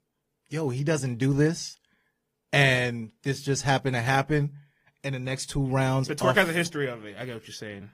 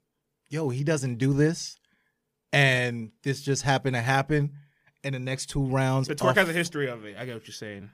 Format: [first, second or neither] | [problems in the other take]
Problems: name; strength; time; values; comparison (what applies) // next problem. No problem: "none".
second | garbled, watery; slightly; nothing above 15 kHz